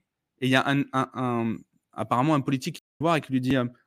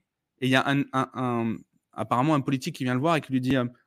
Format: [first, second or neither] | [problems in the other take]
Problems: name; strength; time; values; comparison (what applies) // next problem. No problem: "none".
second | audio cutting out; at 3 s